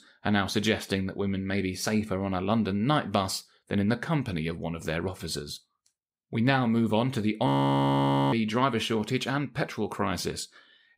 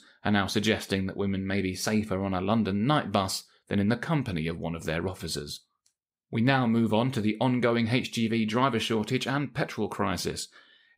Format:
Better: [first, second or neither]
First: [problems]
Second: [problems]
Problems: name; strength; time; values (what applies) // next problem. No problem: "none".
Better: second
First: audio freezing; at 7.5 s for 1 s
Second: none